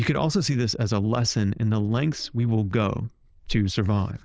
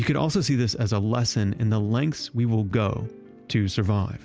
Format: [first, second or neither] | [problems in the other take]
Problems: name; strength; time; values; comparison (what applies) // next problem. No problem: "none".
second | noise reduction (neural diffusion model UNIVERSE++)